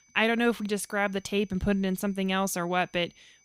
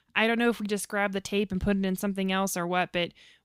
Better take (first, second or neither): second